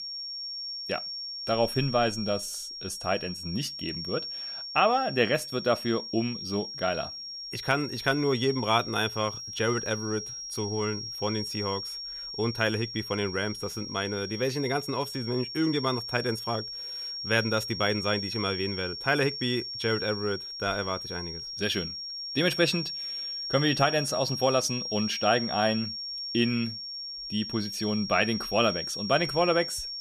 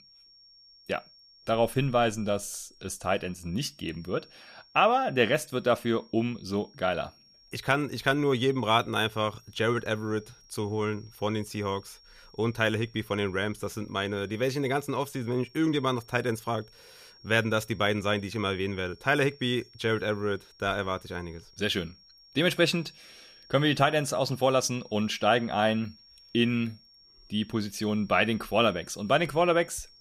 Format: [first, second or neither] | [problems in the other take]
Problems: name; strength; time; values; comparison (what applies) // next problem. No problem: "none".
second | high-pitched whine; loud; throughout; 5.5 kHz, 5 dB below the speech; faint in the second